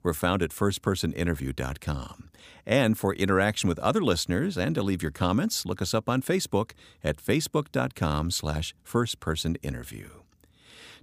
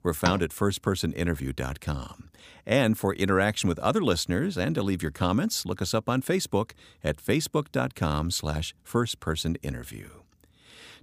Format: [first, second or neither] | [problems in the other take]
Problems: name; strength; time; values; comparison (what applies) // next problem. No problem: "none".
first | door banging; noticeable; at 0.5 s; peak 5 dB below the speech